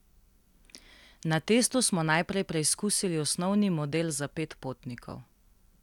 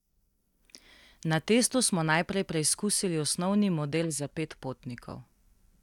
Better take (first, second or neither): first